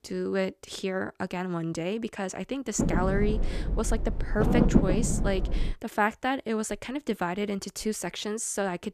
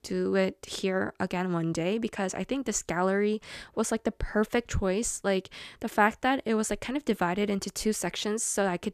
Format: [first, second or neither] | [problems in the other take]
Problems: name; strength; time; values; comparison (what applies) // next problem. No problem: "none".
second | low rumble; loud; from 3 to 5.5 s; 2 dB below the speech